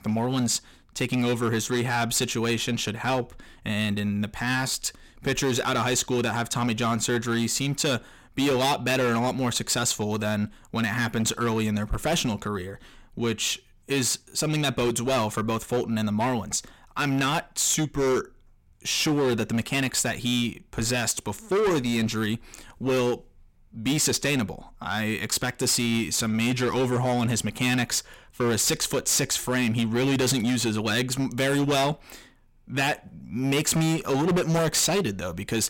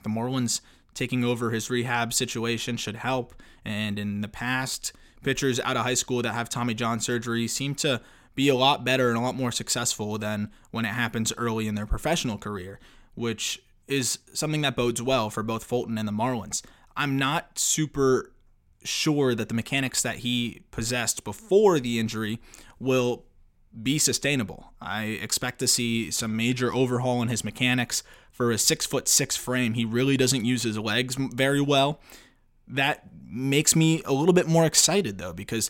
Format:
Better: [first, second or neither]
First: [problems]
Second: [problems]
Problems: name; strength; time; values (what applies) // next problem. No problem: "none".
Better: second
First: distortion; heavy; 13% of the sound clipped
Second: none